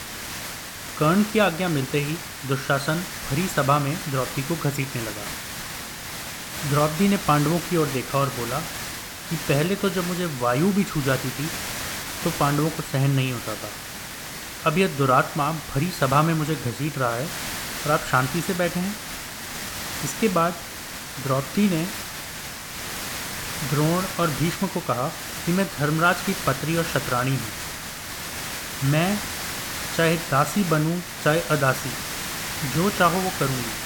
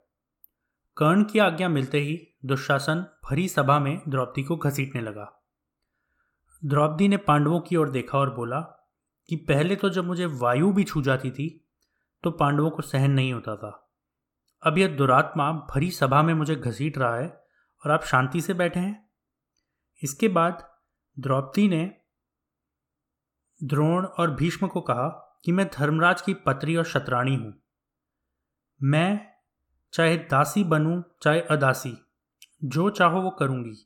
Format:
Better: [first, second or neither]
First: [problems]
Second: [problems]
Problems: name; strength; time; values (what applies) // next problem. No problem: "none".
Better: second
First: hiss; loud; throughout; 7 dB below the speech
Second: none